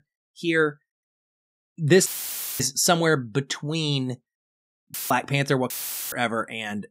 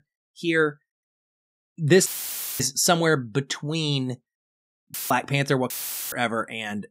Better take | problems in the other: neither | audio cutting out; filled with static; at 2 s for 0.5 s, at 5 s and at 5.5 s; the same in both

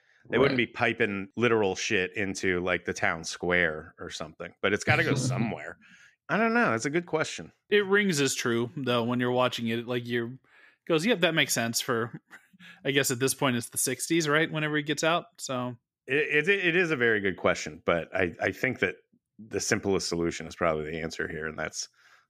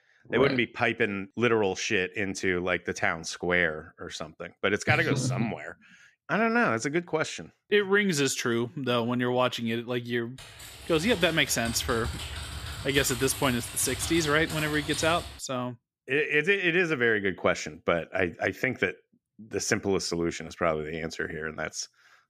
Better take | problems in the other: first | keyboard typing; noticeable; from 10 to 15 s; peak 7 dB below the speech

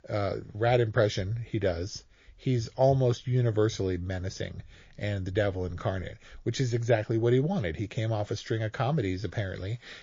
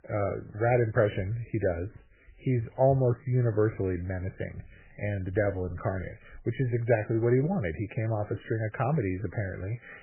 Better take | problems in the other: first | garbled, watery; badly; nothing above 2.5 kHz; slightly in the first

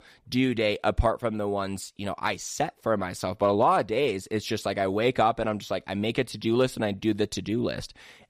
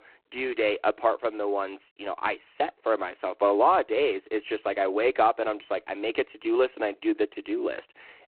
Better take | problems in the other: first | phone-call audio; poor line; nothing above 4 kHz

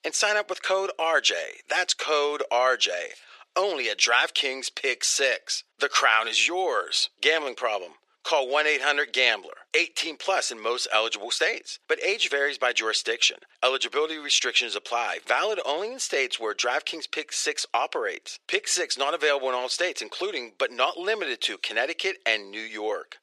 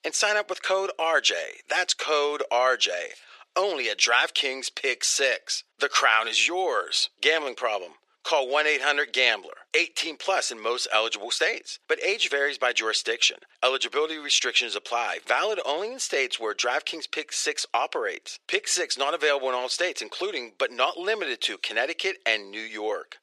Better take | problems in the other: neither | thin; very; fading below 400 Hz; the same in both

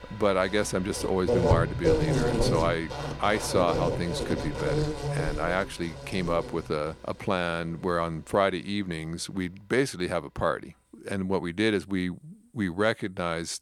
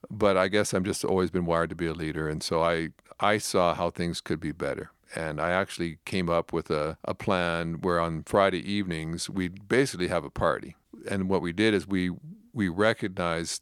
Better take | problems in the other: second | animal sounds; loud; throughout; 1 dB below the speech

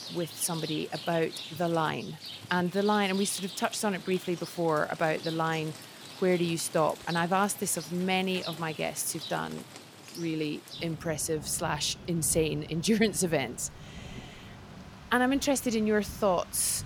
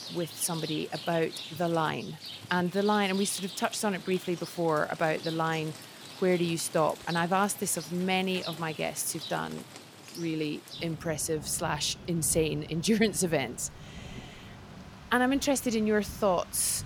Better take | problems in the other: neither | rain or running water; noticeable; throughout; 15 dB below the speech; the same in both

